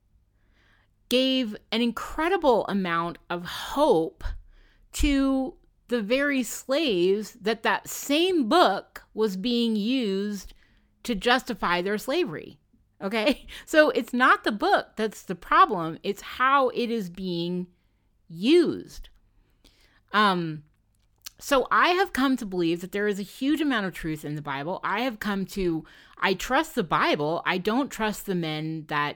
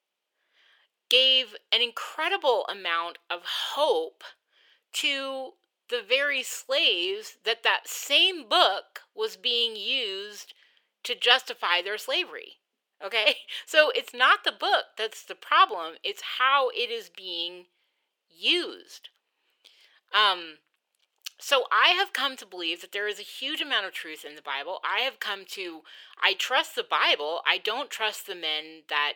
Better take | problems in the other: first | thin; very; fading below 450 Hz

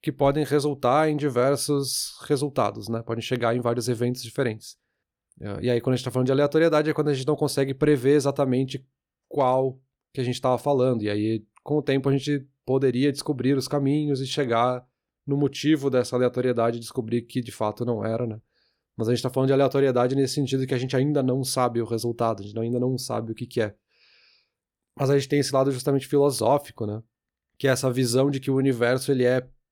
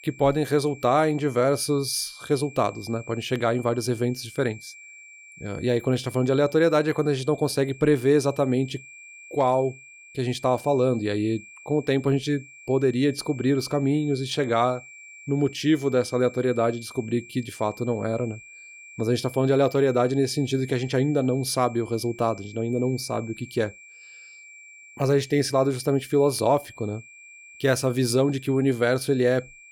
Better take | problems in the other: first | high-pitched whine; noticeable; throughout; 2.5 kHz, 20 dB below the speech

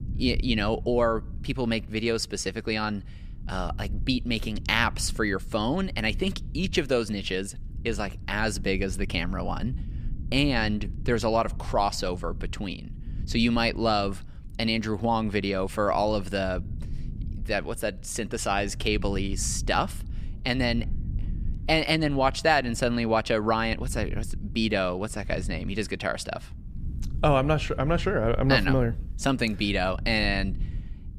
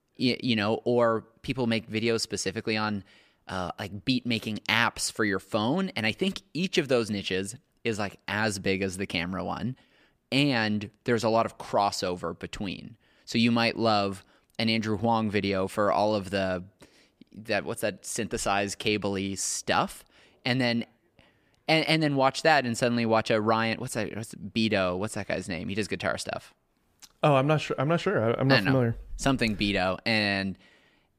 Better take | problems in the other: second | low rumble; faint; throughout; 25 dB below the speech

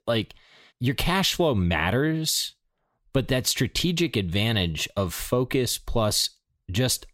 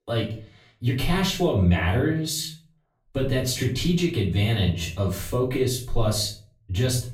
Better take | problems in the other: first | off-mic speech; far // room echo; slight; dies away in 0.4 s

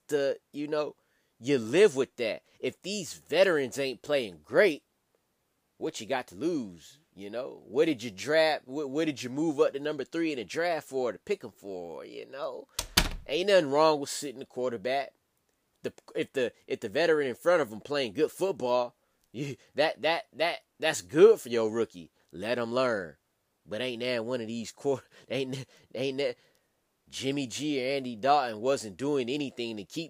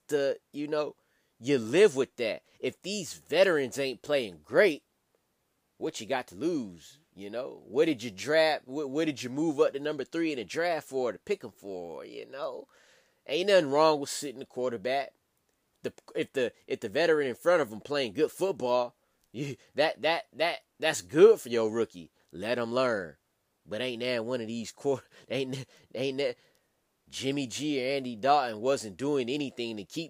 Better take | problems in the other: second | door banging; loud; at 13 s; peak 3 dB above the speech

